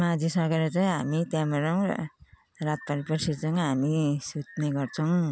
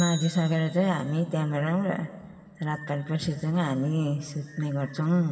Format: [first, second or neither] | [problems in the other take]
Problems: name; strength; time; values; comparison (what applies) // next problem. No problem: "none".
first | background sound (Bicycle); 20 dB below the speech // room echo; dies away in 2 s